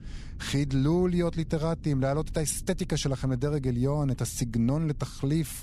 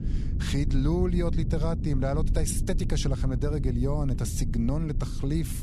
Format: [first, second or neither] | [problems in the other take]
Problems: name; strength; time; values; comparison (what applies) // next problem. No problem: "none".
first | low rumble; loud; throughout; 10 dB below the speech; faint in the first